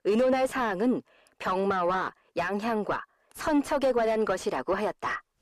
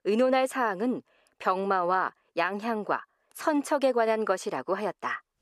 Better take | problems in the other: second | distortion; heavy; 7 dB below the speech

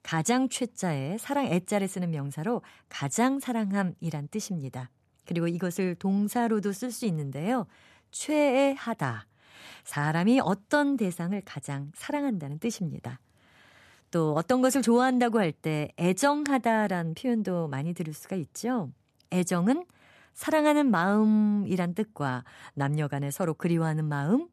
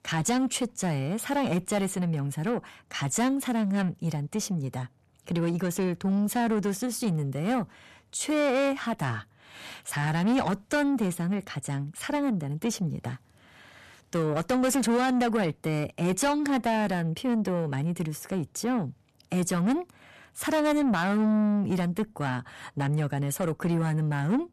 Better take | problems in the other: first | distortion; slight; 10 dB below the speech

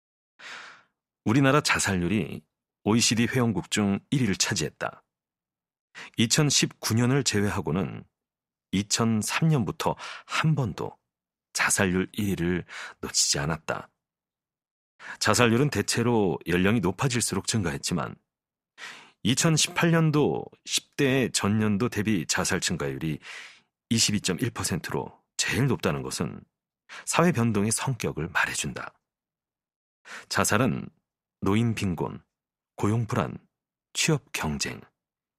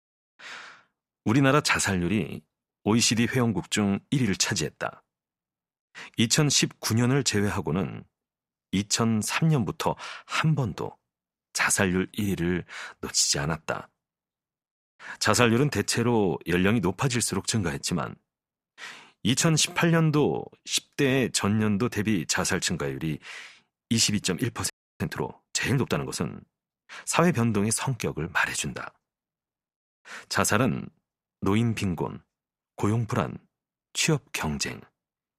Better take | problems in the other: first | audio freezing; at 25 s

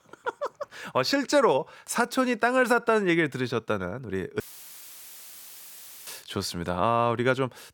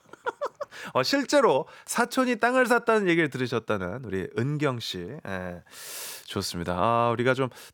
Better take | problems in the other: second | audio cutting out; filled with static; at 4.5 s for 1.5 s

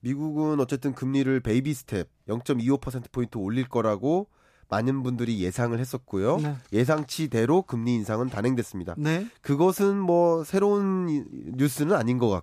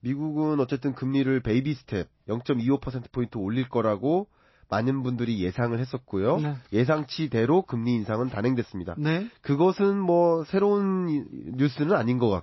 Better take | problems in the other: first | garbled, watery; slightly; nothing above 5.5 kHz

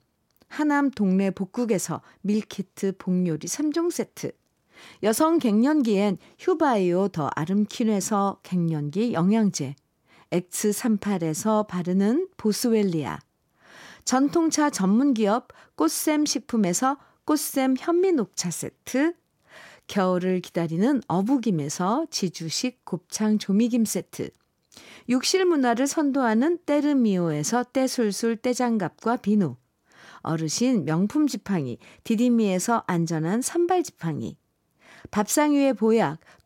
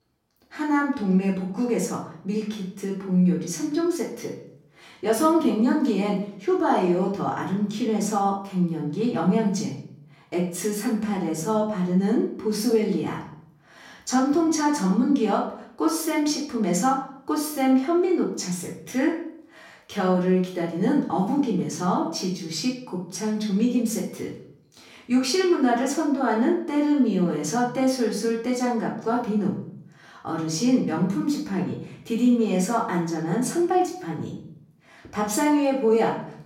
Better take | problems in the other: first | off-mic speech; far // room echo; noticeable; dies away in 0.5 s

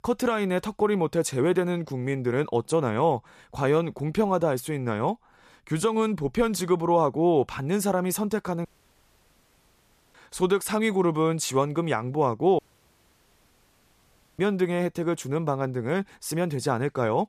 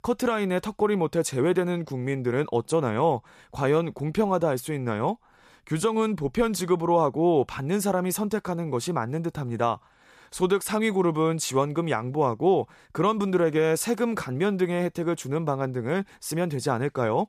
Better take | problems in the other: second | audio cutting out; at 8.5 s for 1.5 s and at 13 s for 2 s

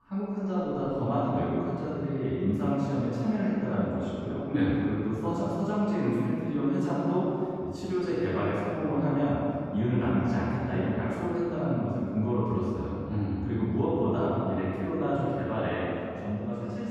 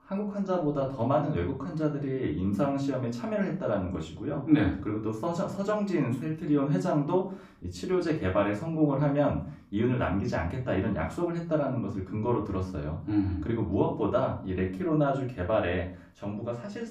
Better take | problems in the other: second | room echo; strong; dies away in 2.3 s; slight in the second // off-mic speech; far; far in the second

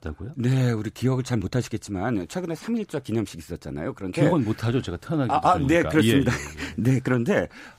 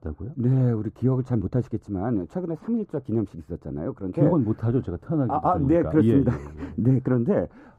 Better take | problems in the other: first | muffled; very; fading above 1 kHz

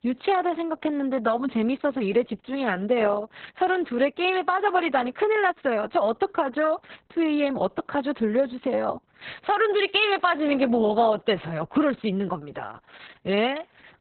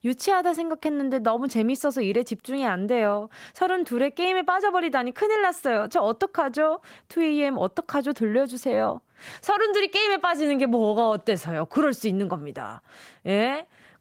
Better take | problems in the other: second | garbled, watery; badly; nothing above 4 kHz; slightly in the second

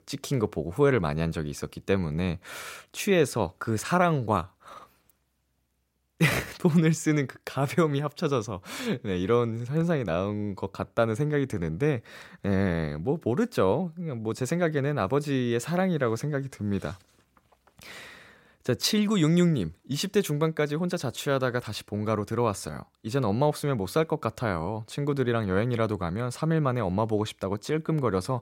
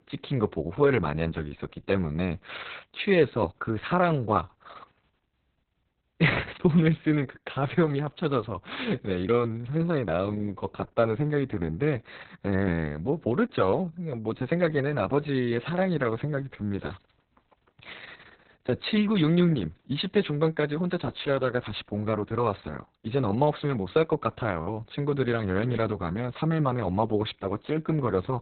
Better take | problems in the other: first | garbled, watery; badly; nothing above 4 kHz

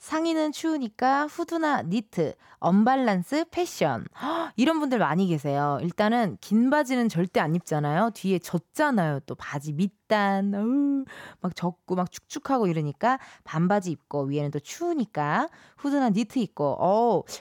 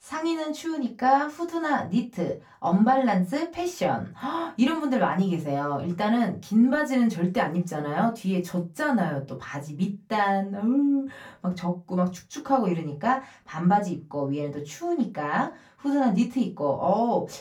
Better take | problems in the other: first | off-mic speech; far // room echo; very slight; dies away in 0.2 s

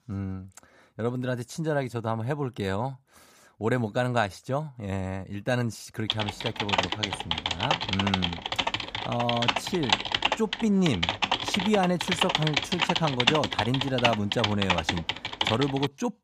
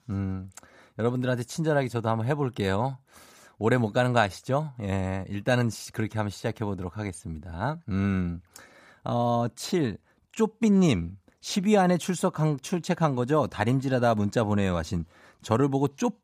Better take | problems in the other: second | keyboard typing; loud; from 6 s on; peak 5 dB above the speech

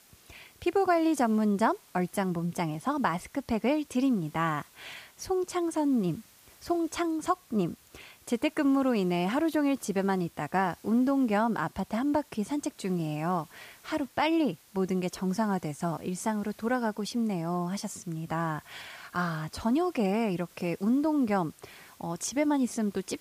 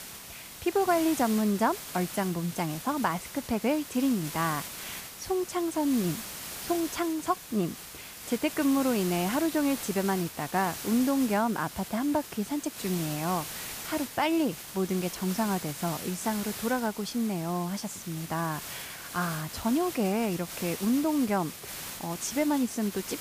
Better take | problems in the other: first | hiss; loud; throughout; 9 dB below the speech; faint in the first

